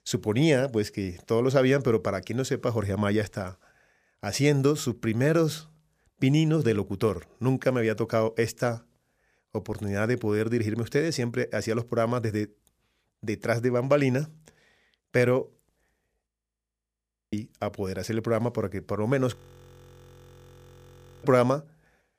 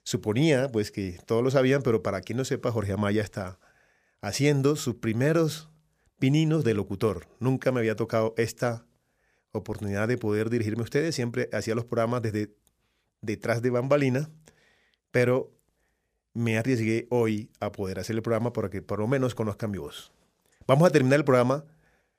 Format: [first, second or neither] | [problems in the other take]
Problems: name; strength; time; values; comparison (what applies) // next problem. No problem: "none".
second | audio freezing; at 16 s for 1 s and at 19 s for 2 s